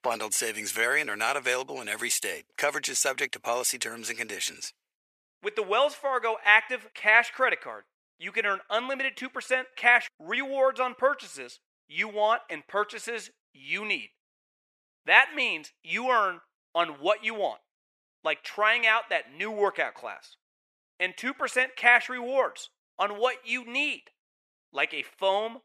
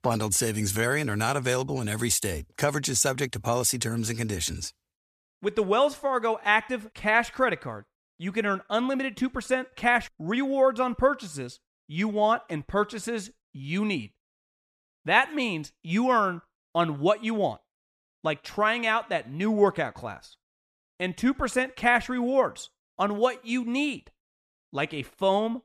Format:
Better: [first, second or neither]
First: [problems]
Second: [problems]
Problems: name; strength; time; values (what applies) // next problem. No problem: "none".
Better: second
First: thin; very; fading below 500 Hz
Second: none